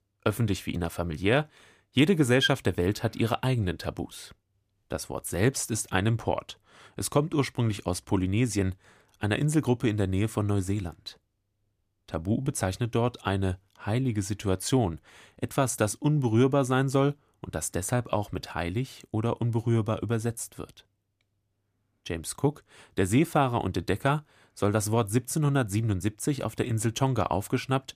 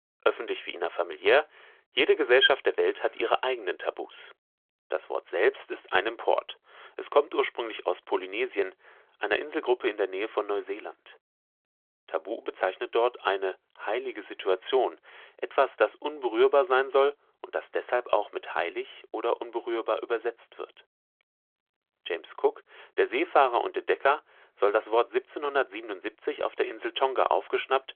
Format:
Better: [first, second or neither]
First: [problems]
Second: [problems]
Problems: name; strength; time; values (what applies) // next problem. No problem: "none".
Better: first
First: none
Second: phone-call audio; nothing above 3.5 kHz